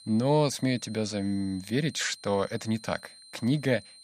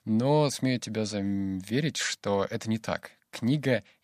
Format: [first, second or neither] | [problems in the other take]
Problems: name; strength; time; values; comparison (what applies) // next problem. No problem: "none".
second | high-pitched whine; faint; throughout; 4 kHz, 20 dB below the speech